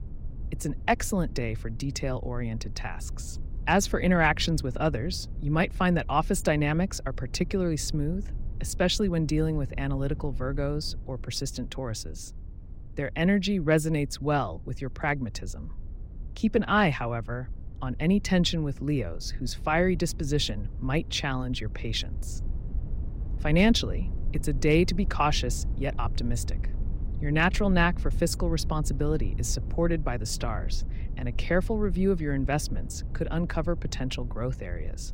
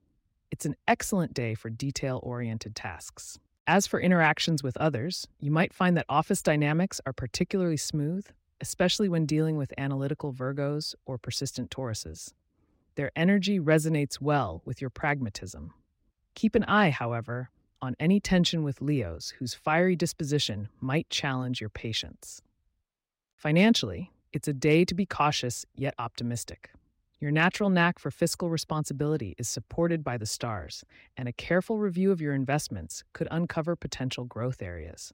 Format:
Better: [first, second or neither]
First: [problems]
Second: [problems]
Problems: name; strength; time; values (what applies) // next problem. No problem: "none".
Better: second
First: low rumble; faint; throughout; 25 dB below the speech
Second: none